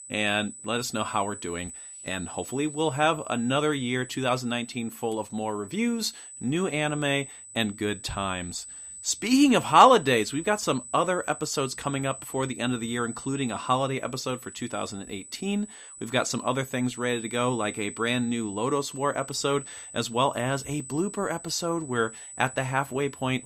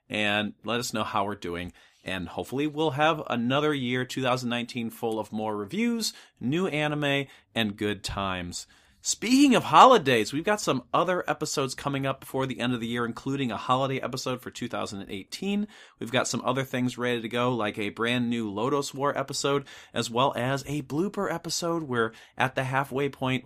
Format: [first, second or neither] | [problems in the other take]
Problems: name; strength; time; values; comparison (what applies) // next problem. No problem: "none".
second | high-pitched whine; noticeable; throughout; 8 kHz, 15 dB below the speech